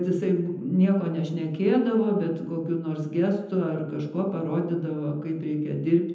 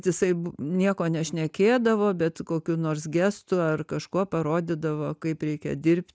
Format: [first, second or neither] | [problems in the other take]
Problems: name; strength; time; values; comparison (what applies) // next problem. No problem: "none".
second | room echo; dies away in 0.8 s